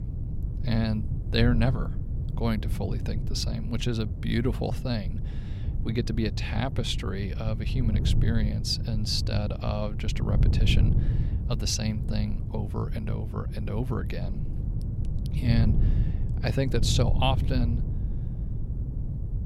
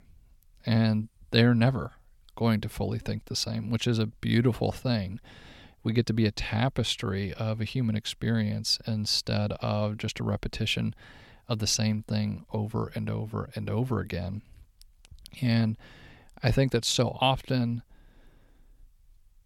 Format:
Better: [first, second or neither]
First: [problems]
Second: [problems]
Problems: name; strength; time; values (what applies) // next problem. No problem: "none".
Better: second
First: wind noise on the microphone; heavy; 10 dB below the speech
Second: none